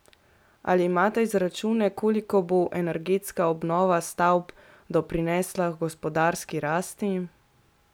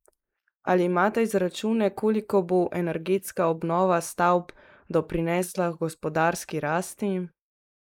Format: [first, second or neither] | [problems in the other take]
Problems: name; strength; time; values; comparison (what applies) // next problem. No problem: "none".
first | noise reduction (neural mask model Resemble Enhance denoiser)